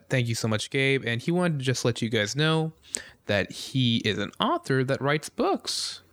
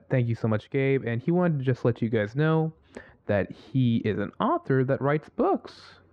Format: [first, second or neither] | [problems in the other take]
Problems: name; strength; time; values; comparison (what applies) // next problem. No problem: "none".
first | muffled; very; fading above 4 kHz